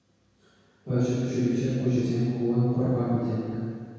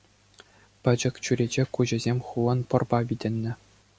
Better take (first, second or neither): second